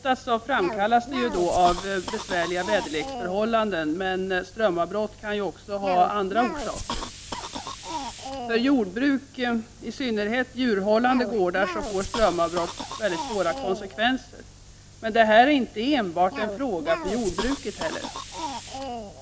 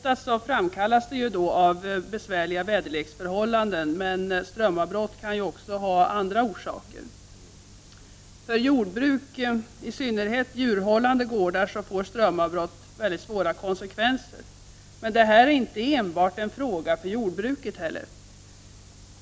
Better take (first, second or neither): second